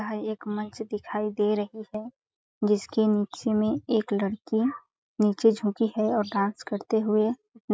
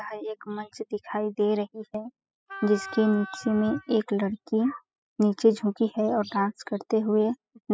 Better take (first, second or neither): first